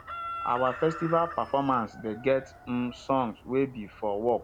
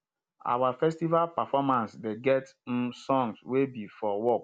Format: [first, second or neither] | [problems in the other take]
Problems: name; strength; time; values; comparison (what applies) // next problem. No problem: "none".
second | background sound (Chicken, rooster); 13 dB below the speech